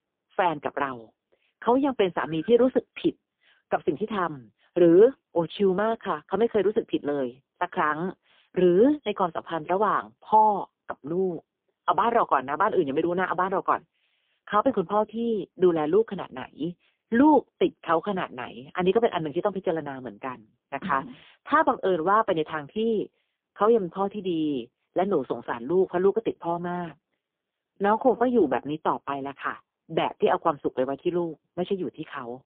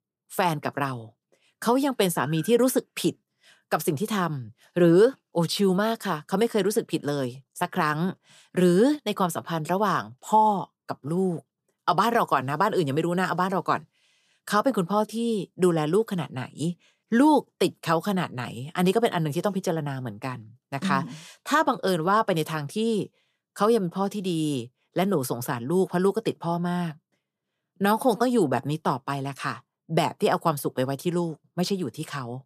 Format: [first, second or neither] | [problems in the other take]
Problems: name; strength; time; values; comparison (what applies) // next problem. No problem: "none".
second | phone-call audio; poor line; nothing above 3 kHz